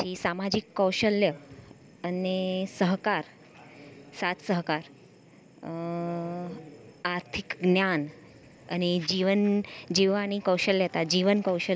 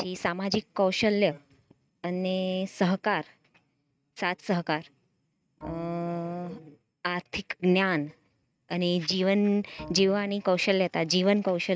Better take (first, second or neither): first